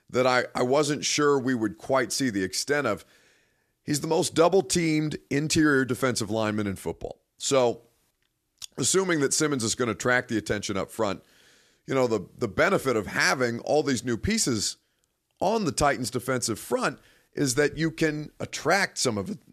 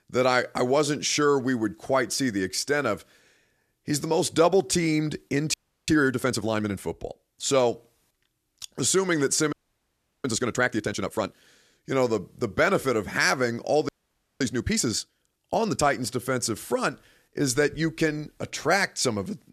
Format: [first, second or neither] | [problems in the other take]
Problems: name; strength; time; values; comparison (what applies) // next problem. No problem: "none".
first | audio freezing; at 5.5 s, at 9.5 s for 0.5 s and at 14 s for 0.5 s